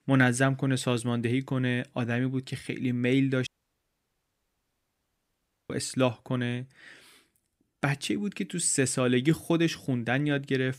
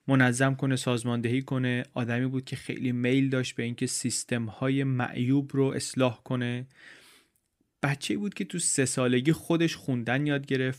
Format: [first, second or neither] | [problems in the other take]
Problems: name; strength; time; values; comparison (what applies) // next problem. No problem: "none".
second | audio cutting out; at 3.5 s for 2 s